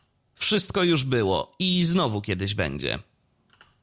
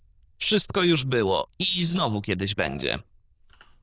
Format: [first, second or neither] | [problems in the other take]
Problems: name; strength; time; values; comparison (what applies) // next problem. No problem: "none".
first | noise reduction (neural diffusion model UNIVERSE++)